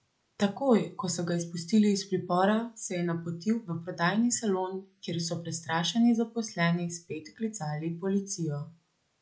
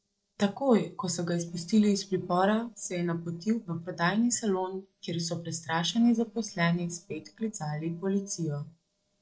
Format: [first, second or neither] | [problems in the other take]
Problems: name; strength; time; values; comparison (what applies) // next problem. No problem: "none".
first | noise reduction (neural separator model SepFormer DNS4)